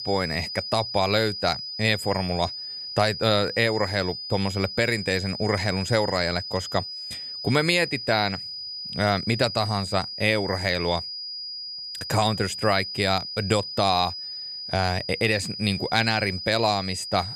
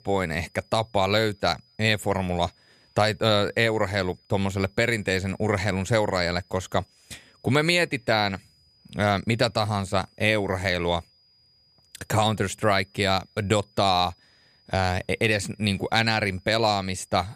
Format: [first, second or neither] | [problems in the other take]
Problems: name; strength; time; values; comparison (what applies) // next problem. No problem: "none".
second | high-pitched whine; loud; throughout; 5 kHz, 7 dB below the speech; faint in the second